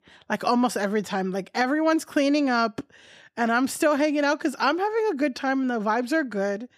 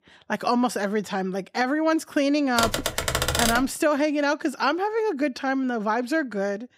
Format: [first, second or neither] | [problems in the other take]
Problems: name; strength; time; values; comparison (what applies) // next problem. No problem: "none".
first | keyboard typing; loud; from 2.5 to 3.5 s; peak 2 dB above the speech